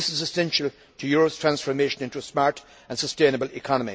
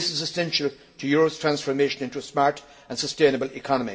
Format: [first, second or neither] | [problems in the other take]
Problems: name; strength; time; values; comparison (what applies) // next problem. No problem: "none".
first | room echo; dies away in 0.4 s